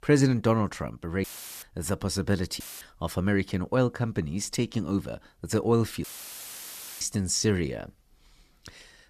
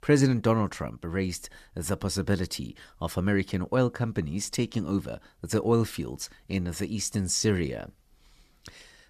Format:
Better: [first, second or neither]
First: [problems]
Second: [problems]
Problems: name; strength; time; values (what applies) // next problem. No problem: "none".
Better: second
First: audio cutting out; filled with static; at 1 s, at 2.5 s and at 6 s for 1 s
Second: none